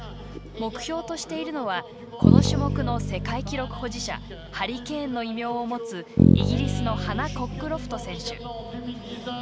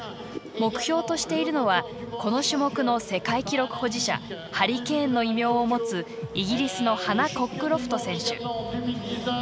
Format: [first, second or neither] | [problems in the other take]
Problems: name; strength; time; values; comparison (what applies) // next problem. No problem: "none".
second | background sound (Bass guitar); 5 dB above the speech